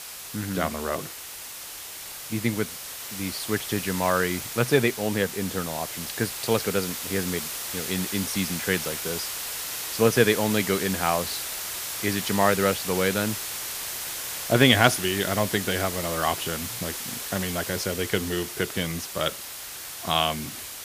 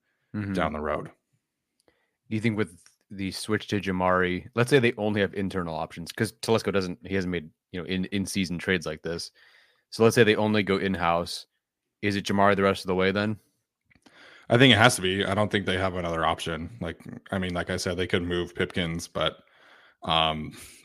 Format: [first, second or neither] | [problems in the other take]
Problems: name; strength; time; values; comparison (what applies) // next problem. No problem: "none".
second | hiss; loud; throughout; 5 dB below the speech